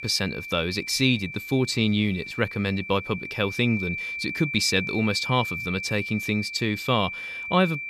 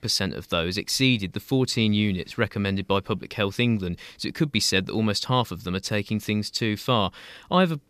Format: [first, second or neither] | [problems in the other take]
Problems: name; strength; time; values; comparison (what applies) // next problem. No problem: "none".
second | high-pitched whine; loud; throughout; 2.5 kHz, 6 dB below the speech